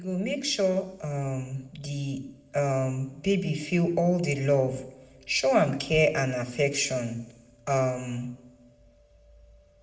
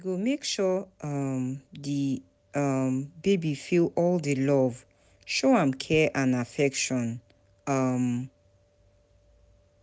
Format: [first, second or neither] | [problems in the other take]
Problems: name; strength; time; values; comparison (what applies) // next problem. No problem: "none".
second | room echo; dies away in 0.7 s